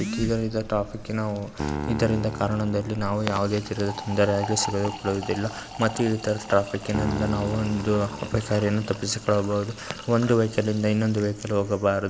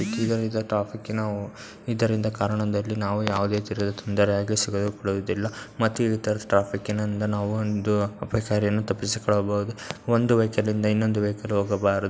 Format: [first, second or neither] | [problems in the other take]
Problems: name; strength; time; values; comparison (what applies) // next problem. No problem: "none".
second | background sound (Piano + Fill (with liquid)); 11 dB below the speech